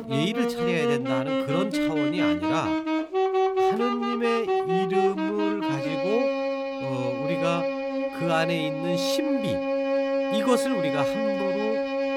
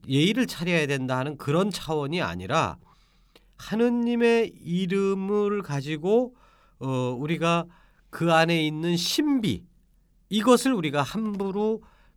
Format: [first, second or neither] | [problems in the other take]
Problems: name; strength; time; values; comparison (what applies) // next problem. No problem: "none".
second | background music; very loud; throughout; 3 dB above the speech